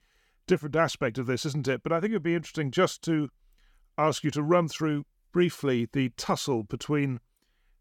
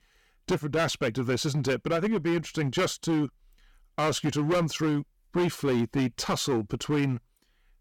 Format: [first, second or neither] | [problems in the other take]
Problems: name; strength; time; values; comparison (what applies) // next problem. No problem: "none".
first | distortion; heavy; 12% of the sound clipped